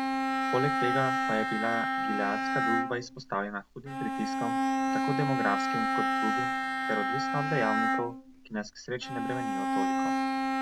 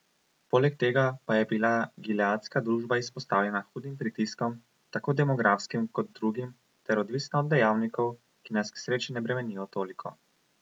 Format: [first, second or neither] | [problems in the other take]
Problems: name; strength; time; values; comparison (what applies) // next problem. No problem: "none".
second | background sound (Bowed string instrument); 4 dB above the speech